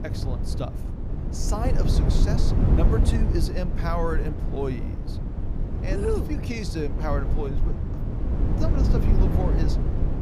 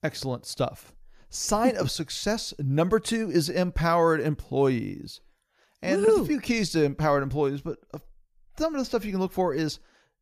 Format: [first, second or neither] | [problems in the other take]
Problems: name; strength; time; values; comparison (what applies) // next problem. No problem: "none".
second | low rumble; loud; throughout; 3 dB below the speech